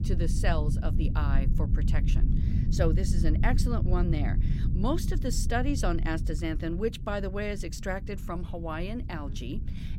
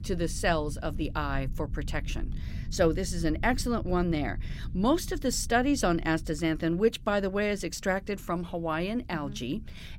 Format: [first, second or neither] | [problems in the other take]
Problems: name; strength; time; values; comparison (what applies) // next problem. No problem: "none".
second | low rumble; loud; throughout; 9 dB below the speech; faint in the second